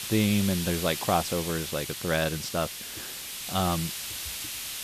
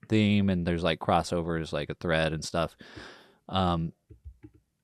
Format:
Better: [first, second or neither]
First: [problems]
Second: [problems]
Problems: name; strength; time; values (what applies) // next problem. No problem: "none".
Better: second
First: hiss; loud; throughout; 5 dB below the speech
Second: none